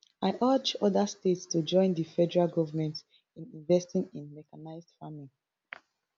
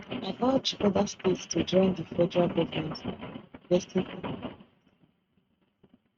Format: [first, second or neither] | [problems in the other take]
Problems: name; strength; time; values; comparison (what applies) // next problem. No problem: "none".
first | noise reduction (neural mask model RNNoise)